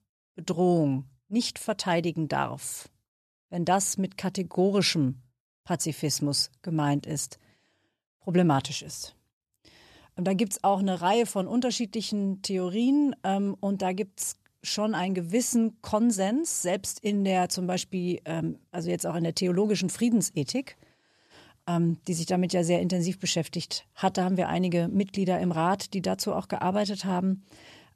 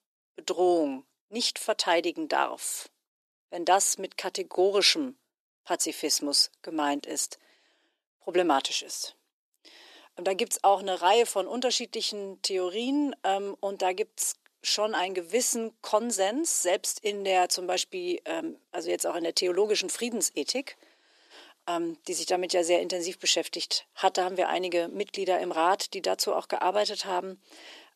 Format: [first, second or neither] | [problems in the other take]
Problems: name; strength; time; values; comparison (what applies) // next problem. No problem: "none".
first | thin; somewhat; fading below 300 Hz